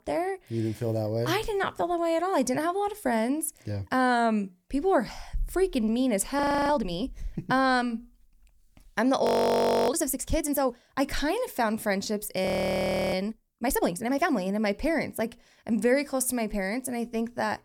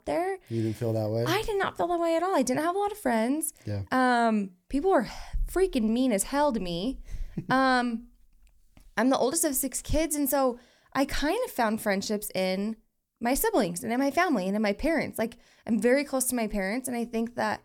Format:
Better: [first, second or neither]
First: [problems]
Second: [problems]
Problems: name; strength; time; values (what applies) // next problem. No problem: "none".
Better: second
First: audio freezing; at 6.5 s, at 9.5 s for 0.5 s and at 12 s for 0.5 s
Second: none